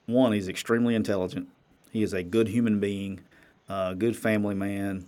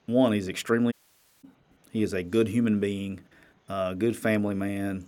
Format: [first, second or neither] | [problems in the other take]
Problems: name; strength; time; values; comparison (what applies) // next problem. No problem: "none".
first | audio cutting out; at 1 s for 0.5 s